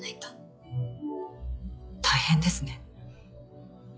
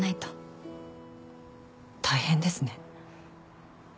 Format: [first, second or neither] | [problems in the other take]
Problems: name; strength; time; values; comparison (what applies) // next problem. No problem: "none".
second | noise reduction (classical method log-MMSE)